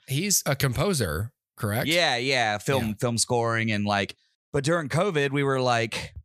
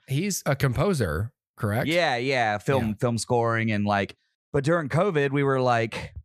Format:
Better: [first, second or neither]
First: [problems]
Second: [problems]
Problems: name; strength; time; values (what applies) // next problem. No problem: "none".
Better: first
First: none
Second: muffled; slightly; fading above 2.5 kHz